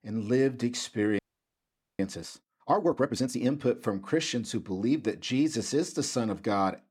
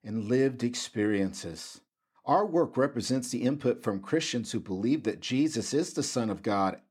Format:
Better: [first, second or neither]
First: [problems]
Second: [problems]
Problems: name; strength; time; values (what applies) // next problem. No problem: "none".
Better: second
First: audio freezing; at 1 s for 1 s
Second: none